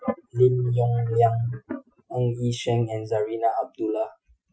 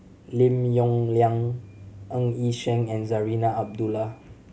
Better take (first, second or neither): second